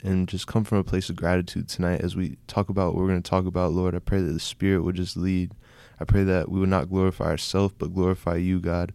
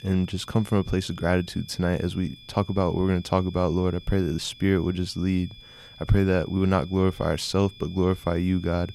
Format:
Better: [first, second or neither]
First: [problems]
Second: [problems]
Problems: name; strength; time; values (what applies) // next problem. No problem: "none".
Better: first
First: none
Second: high-pitched whine; faint; throughout; 3.5 kHz, 20 dB below the speech